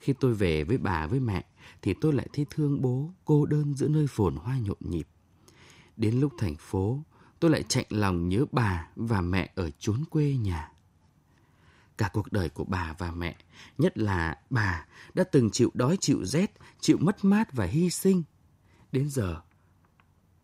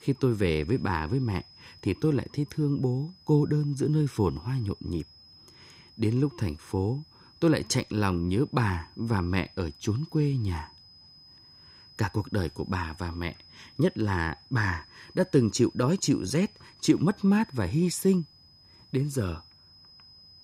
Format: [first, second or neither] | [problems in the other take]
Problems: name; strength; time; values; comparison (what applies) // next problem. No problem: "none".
first | high-pitched whine; faint; throughout; 5 kHz, 25 dB below the speech